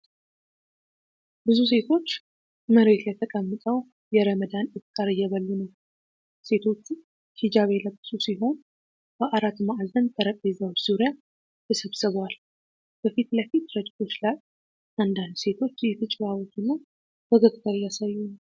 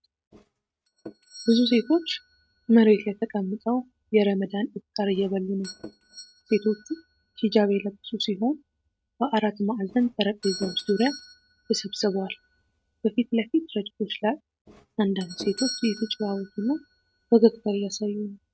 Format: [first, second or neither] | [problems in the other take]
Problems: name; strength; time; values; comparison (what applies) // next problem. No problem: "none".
first | noise reduction (neural mask model RNNoise)